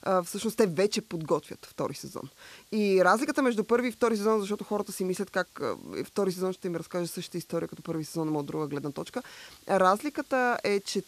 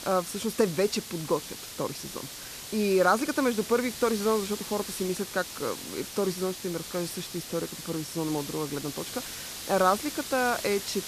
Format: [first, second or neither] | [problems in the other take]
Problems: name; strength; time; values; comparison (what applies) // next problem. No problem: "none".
first | hiss; loud; throughout; 8 dB below the speech; faint in the first